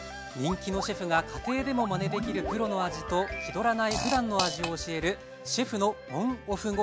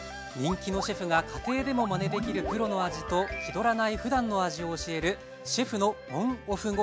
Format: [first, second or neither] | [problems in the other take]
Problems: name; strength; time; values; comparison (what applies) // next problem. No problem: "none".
second | background sound (Fart); 7 dB below the speech